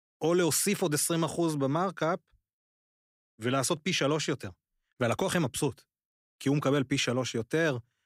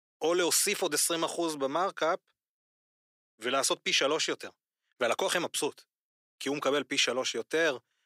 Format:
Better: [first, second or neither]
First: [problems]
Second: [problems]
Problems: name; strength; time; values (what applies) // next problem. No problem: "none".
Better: first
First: none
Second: thin; somewhat; fading below 450 Hz